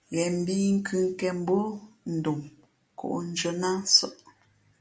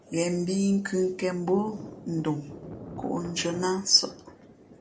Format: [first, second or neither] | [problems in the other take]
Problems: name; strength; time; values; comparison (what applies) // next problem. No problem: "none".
first | background sound (Thunder); 16 dB below the speech